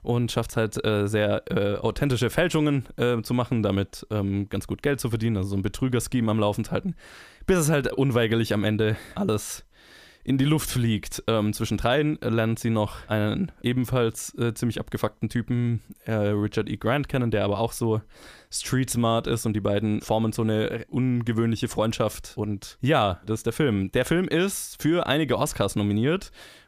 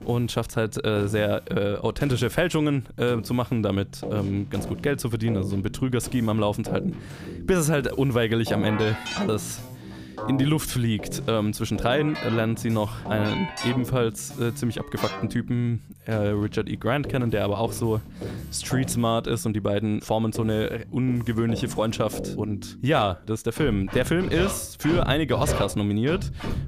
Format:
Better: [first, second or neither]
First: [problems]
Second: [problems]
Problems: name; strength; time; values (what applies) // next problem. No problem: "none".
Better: first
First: none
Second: background music; loud; throughout; 10 dB below the speech